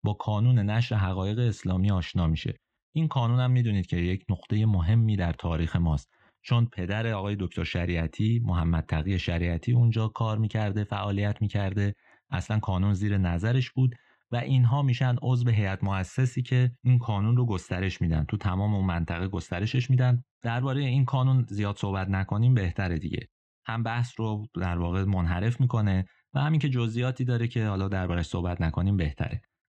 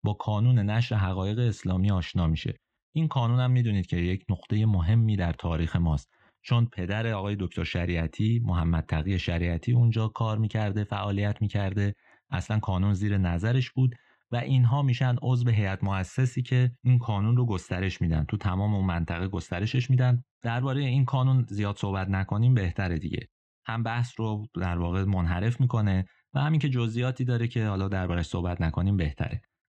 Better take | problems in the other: neither | muffled; slightly; fading above 3 kHz; the same in both

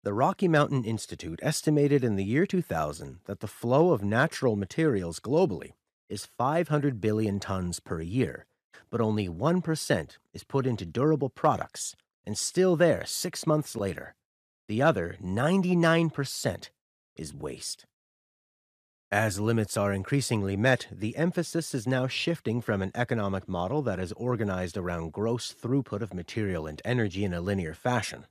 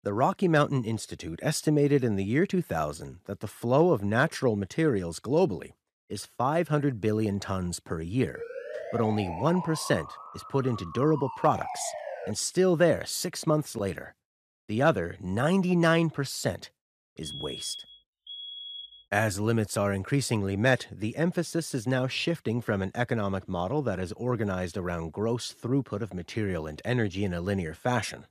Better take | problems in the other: first | siren; noticeable; from 8.5 to 12 s; peak 8 dB below the speech // alarm; noticeable; from 17 to 19 s; peak 9 dB below the speech

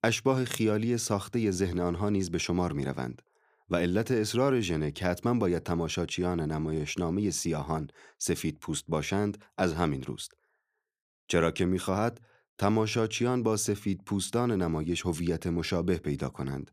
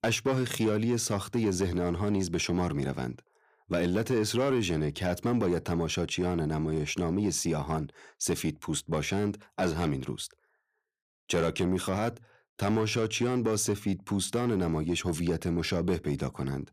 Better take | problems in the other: first | distortion; slight; 10 dB below the speech

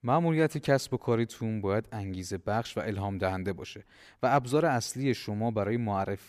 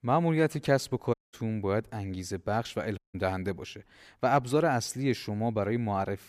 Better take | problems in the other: first | audio cutting out; at 1 s and at 3 s

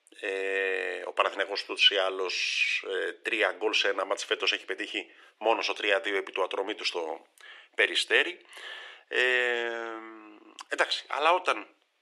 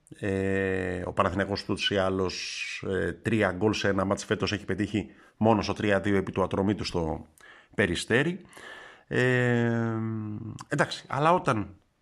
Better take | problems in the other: second | thin; very; fading below 350 Hz

